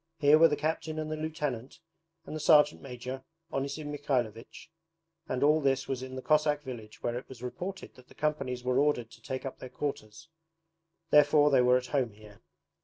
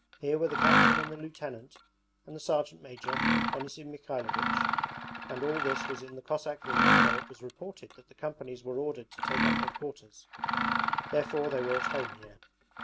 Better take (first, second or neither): first